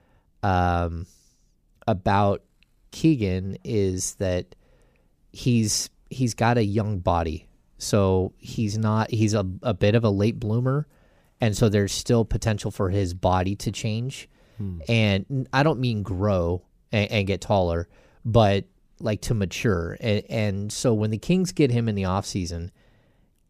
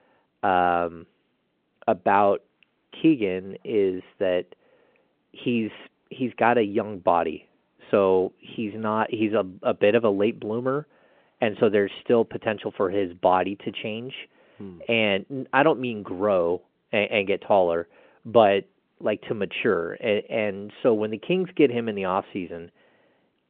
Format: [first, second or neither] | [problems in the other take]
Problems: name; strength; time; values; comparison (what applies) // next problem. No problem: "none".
first | phone-call audio